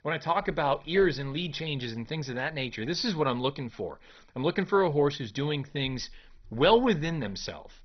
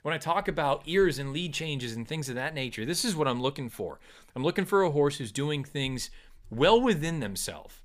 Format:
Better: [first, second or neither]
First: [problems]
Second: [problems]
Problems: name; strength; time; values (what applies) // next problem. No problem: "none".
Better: second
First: garbled, watery; badly; nothing above 6 kHz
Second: none